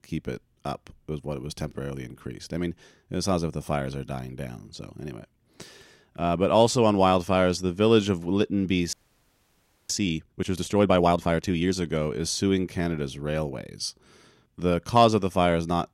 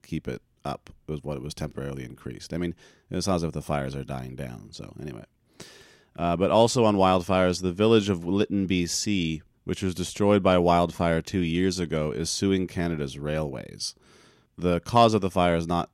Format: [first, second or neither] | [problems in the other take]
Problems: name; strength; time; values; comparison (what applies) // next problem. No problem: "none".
second | audio freezing; at 9 s for 1 s